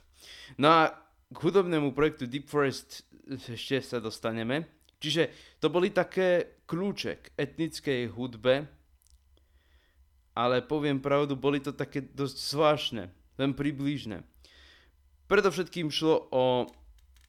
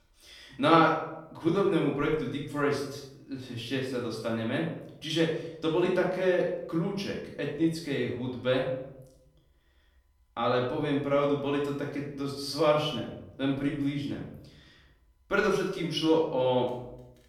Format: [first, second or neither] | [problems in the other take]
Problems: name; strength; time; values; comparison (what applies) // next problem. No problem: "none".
first | off-mic speech; far // room echo; noticeable; dies away in 0.7 s